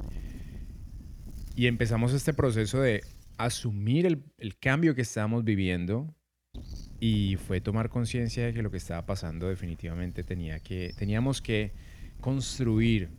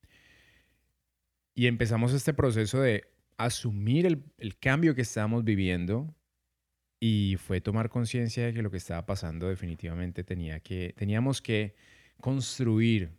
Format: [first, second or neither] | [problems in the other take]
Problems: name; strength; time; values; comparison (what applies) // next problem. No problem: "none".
second | wind noise on the microphone; occasional gusts; until 3.5 s and from 6.5 s on; 25 dB below the speech